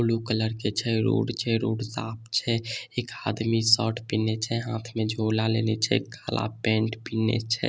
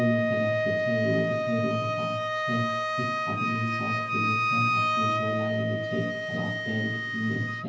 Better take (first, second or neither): first